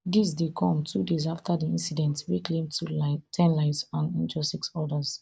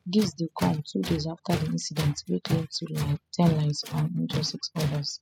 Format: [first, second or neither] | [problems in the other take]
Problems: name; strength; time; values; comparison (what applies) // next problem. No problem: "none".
first | noise reduction (classical method spectral subtraction)